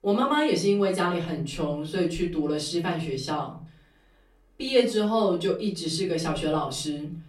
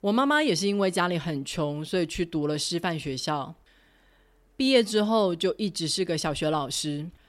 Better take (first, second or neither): second